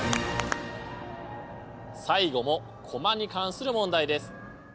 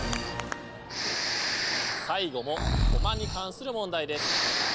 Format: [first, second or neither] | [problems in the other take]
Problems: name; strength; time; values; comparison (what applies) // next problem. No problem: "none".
first | background sound (Breathing); 4 dB above the speech